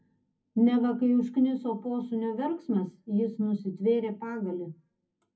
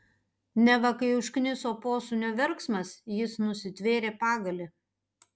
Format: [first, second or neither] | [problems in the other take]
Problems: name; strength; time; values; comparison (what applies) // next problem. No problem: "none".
second | room echo; dies away in 0.3 s